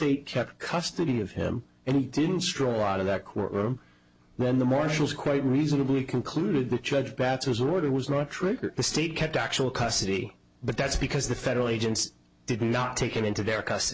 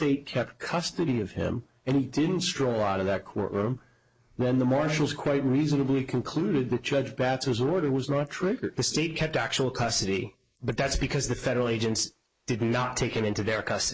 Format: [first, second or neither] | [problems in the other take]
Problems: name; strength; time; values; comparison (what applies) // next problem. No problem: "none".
first | noise reduction (neural mask model Resemble Enhance denoiser)